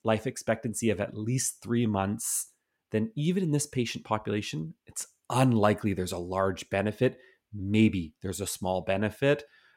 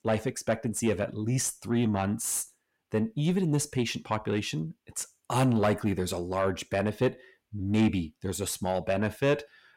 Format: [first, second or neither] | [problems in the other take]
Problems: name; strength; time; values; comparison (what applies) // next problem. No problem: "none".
first | distortion; slight; 10 dB below the speech